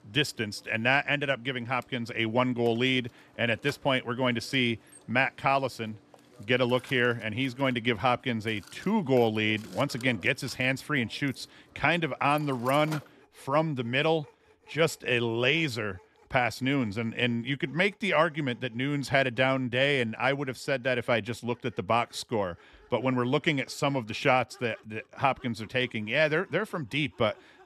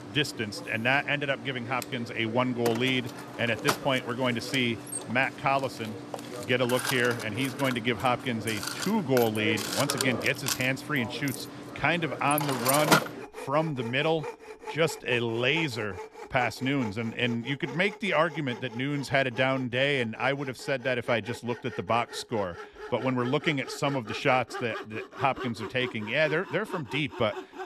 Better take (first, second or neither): first